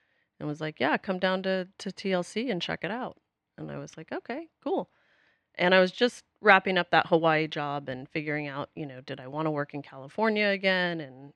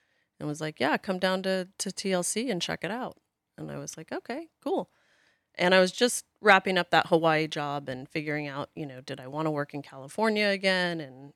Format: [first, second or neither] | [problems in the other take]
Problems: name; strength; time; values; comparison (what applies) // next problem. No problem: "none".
second | muffled; very slightly; fading above 3 kHz